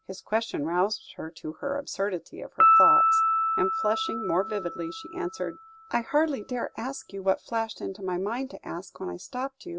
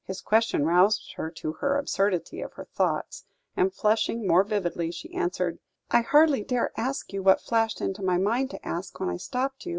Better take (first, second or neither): second